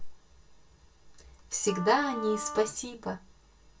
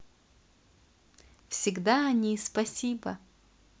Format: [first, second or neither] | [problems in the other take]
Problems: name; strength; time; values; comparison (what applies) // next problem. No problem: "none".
second | background sound (Wind instrument, woodwind instrument); 9 dB below the speech // room echo; dies away in 0.1 s